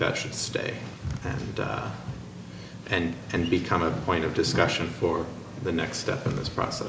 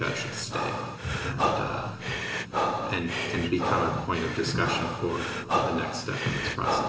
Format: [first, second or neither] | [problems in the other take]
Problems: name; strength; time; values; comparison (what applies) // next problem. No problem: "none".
first | background sound (Breathing); as loud as the speech // room echo; dies away in 1.6 s